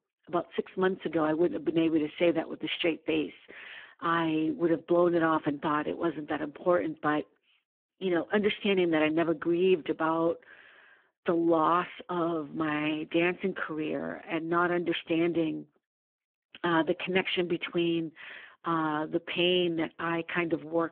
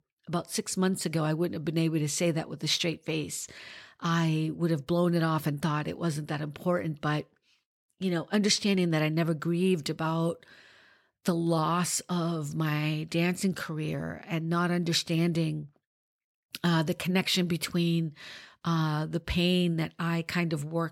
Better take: second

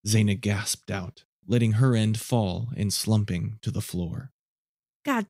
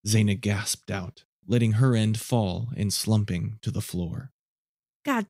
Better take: neither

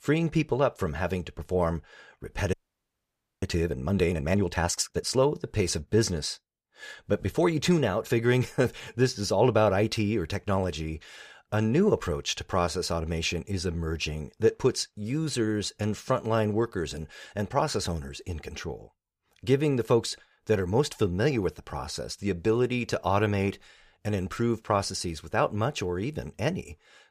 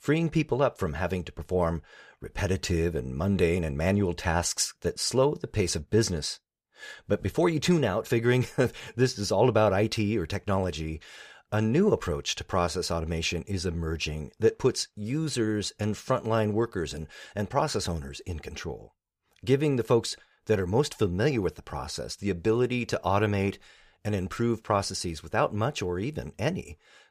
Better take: second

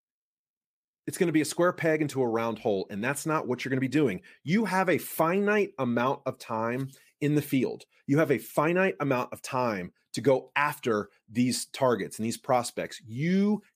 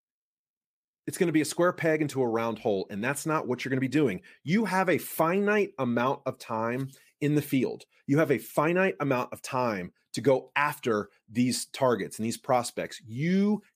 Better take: neither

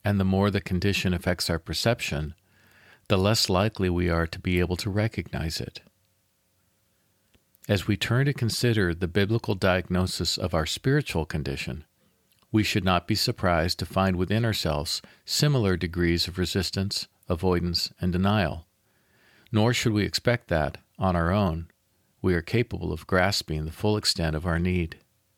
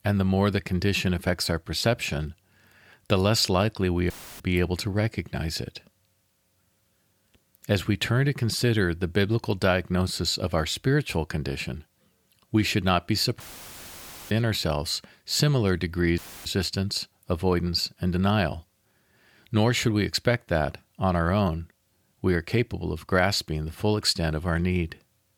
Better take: first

